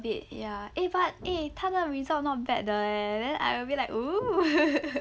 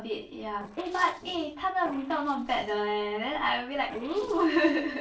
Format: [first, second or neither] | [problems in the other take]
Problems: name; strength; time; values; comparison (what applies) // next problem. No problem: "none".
first | noise reduction (neural separator model SepFormer DNS4)